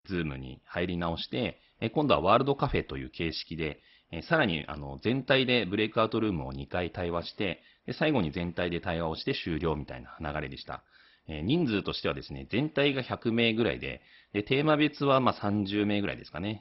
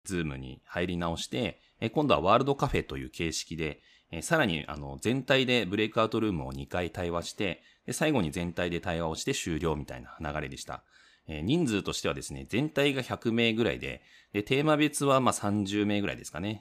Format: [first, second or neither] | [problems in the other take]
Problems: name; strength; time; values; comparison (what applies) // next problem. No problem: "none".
second | garbled, watery; badly; nothing above 5.5 kHz